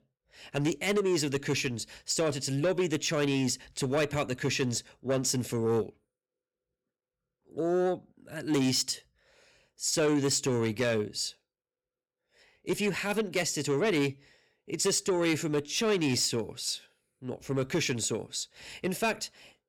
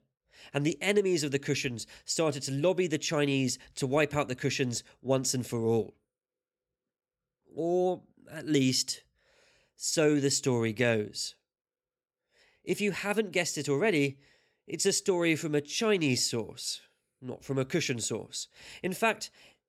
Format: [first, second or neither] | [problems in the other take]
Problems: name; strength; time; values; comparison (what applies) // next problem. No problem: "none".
second | distortion; slight; 10 dB below the speech